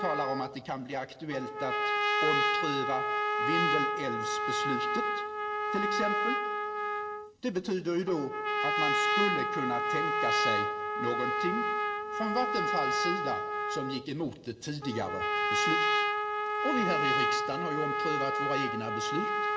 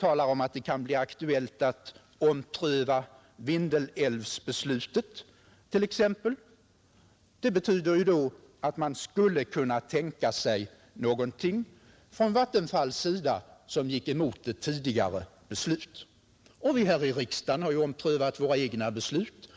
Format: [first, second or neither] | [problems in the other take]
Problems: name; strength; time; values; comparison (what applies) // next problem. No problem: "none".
second | background sound (Trumpet); 5 dB above the speech // room echo; dies away in 1.9 s